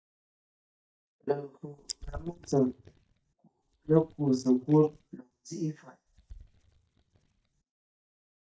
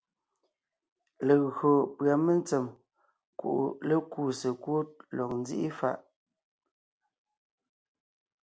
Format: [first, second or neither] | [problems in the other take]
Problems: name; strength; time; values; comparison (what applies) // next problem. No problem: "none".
second | noise reduction (neural mask model DeepFilterNet 3)